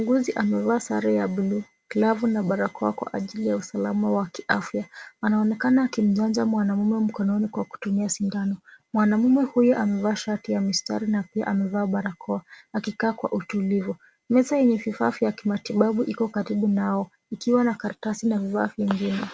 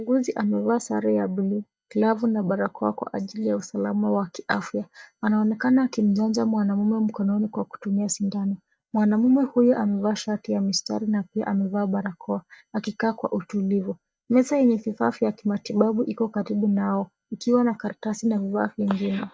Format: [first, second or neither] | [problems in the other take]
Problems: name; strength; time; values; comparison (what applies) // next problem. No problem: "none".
first | noise reduction (neural mask model DeepFilterNet 3)